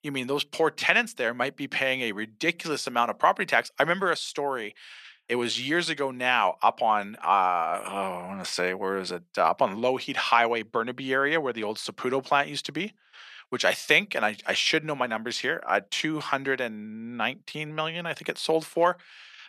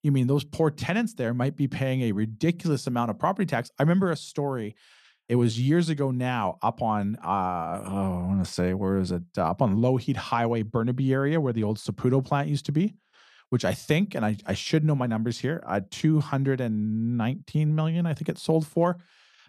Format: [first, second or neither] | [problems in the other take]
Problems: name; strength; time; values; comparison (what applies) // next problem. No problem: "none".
second | thin; very; fading below 450 Hz